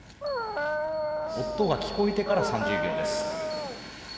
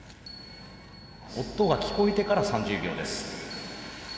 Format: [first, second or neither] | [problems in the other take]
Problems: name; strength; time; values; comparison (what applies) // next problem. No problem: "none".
second | background sound (Dog); as loud as the speech